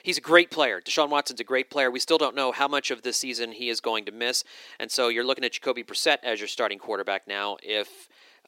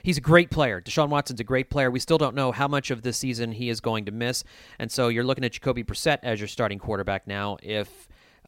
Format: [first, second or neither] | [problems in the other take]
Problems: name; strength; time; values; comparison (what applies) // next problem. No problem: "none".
second | thin; somewhat; fading below 350 Hz